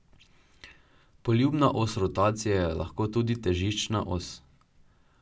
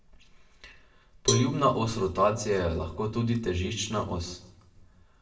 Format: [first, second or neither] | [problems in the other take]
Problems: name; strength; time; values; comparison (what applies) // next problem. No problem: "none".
first | background sound (Cowbell); 7 dB below the speech // room echo; dies away in 0.6 s